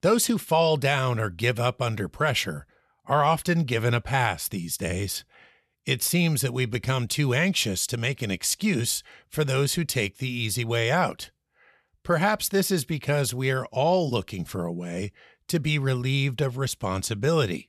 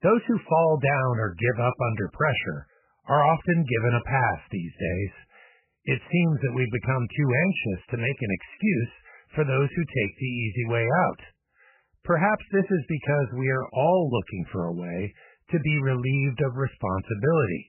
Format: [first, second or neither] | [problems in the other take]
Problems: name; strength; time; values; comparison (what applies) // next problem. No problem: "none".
first | garbled, watery; badly; nothing above 3 kHz